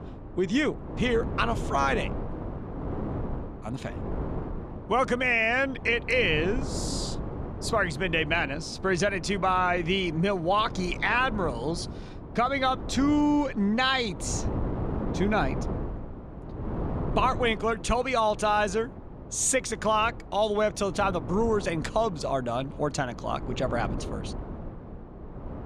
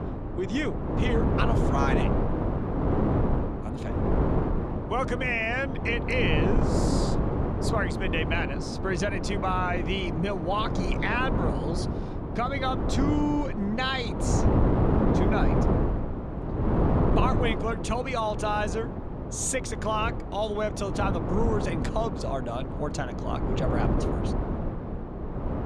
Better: first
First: wind noise on the microphone; occasional gusts; 15 dB below the speech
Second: wind noise on the microphone; heavy; 3 dB below the speech

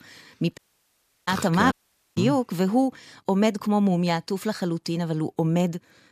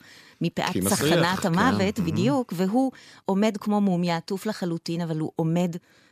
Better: second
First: audio cutting out; at 0.5 s for 0.5 s and at 1.5 s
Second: none

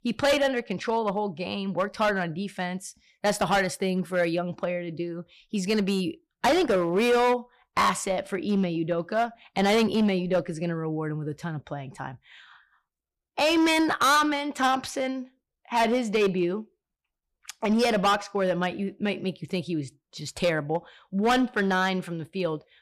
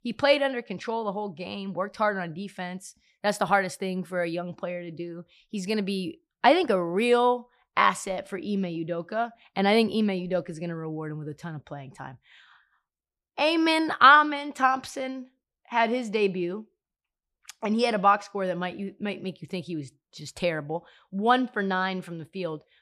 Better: second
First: distortion; heavy; 7% of the sound clipped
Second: none

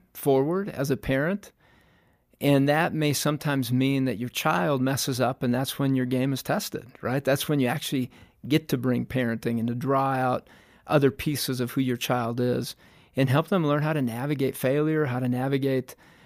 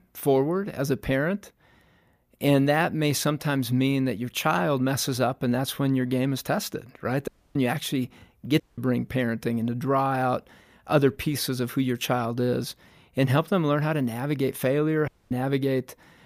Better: first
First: none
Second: audio cutting out; at 7.5 s, at 8.5 s and at 15 s

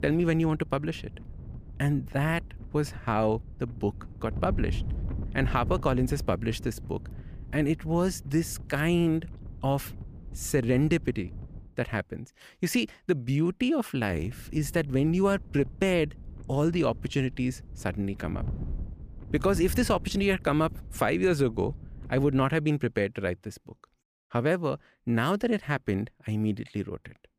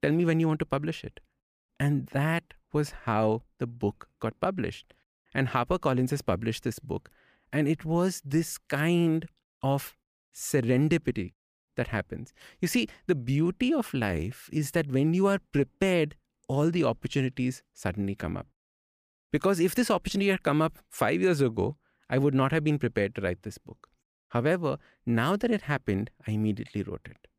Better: second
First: wind noise on the microphone; occasional gusts; until 12 s and from 14 to 23 s; 20 dB below the speech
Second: none

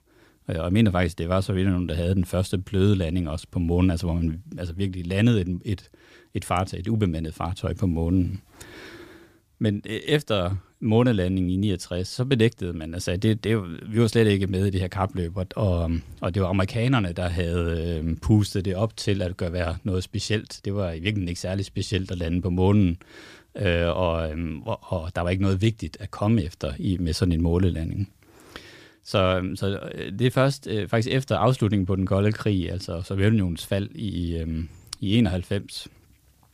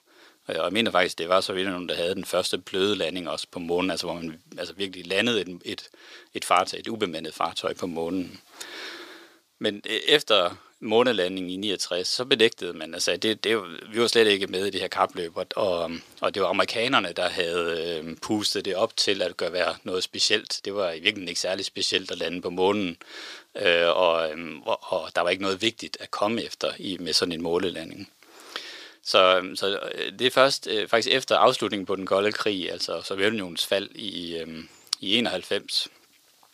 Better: first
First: none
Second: thin; very; fading below 450 Hz

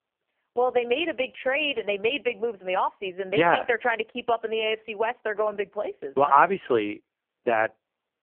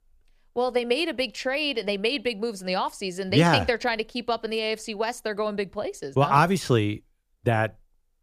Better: second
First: phone-call audio; poor line; nothing above 3 kHz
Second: none

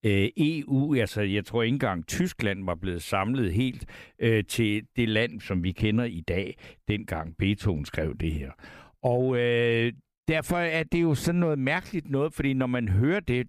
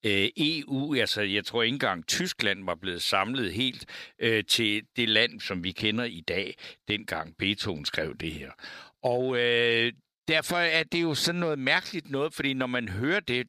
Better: first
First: none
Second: thin; somewhat; fading below 750 Hz

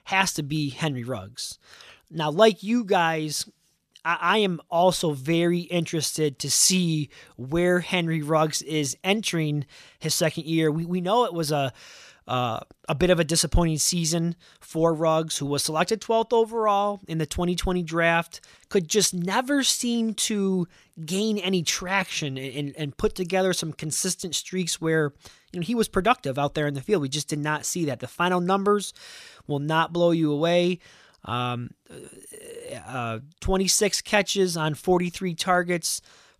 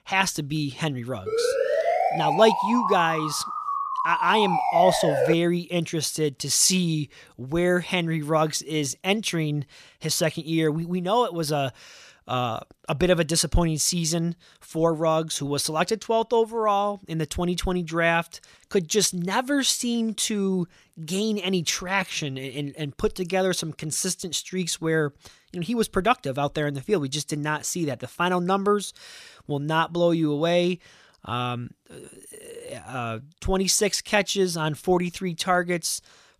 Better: first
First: none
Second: siren; loud; from 1.5 to 5.5 s; peak 2 dB above the speech

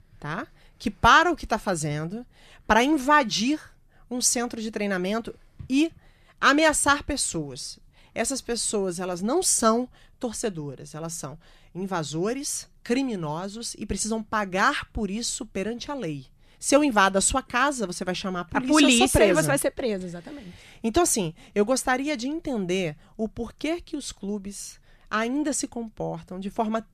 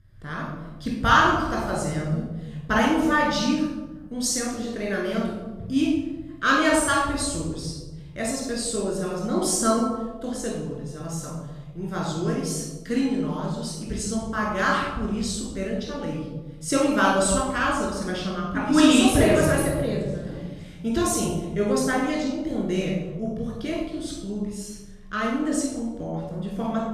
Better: first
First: none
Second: off-mic speech; far // room echo; strong; dies away in 2 s

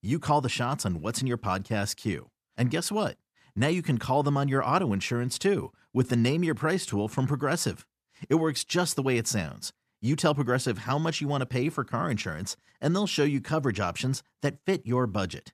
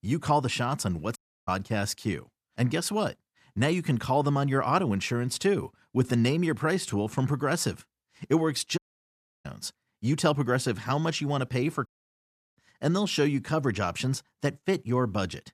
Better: first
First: none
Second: audio cutting out; at 1 s, at 9 s for 0.5 s and at 12 s for 0.5 s

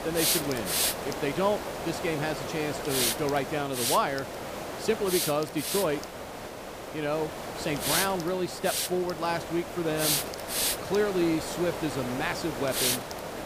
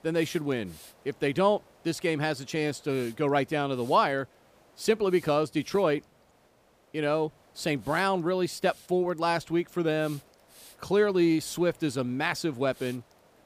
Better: second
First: hiss; loud; throughout; as loud as the speech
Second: hiss; faint; throughout; 25 dB below the speech

